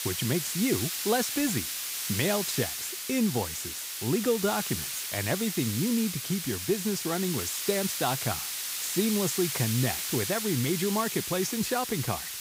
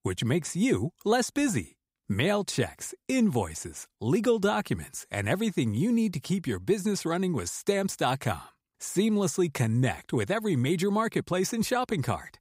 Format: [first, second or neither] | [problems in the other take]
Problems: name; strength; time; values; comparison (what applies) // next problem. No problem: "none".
second | hiss; loud; throughout; 2 dB below the speech